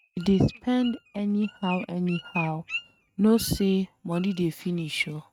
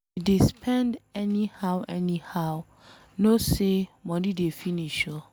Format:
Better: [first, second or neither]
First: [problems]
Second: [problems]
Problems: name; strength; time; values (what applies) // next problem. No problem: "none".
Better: second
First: noise reduction (neural mask model RNNoise)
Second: none